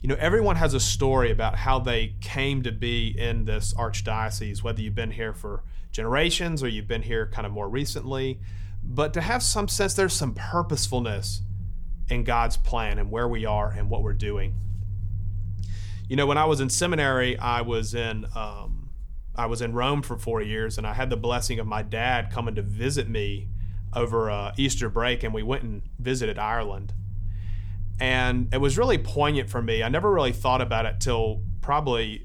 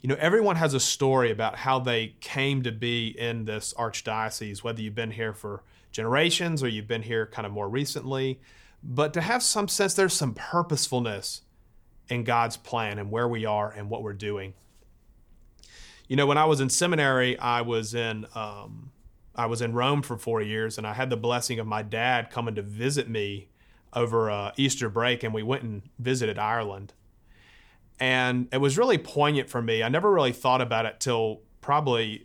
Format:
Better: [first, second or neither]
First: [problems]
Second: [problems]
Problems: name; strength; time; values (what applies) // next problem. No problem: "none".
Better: second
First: low rumble; faint; throughout; 25 dB below the speech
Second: none